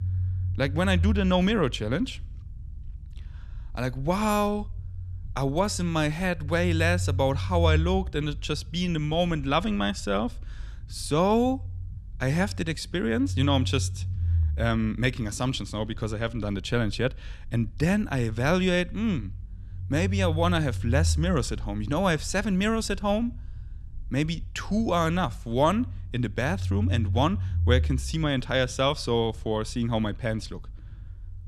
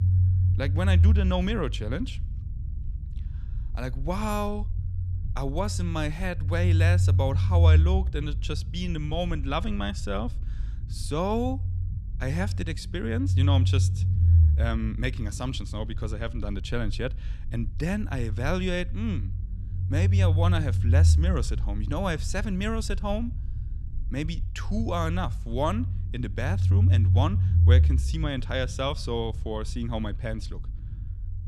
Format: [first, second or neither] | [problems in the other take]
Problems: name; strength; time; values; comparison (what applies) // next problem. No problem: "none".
first | low rumble; loud; throughout; 10 dB below the speech; faint in the first